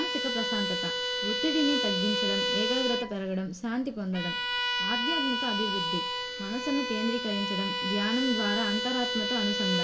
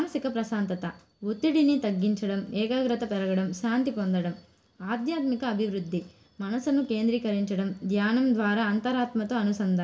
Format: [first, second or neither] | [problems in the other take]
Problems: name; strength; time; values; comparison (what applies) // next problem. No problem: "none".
second | background sound (Bowed string instrument); 1 dB above the speech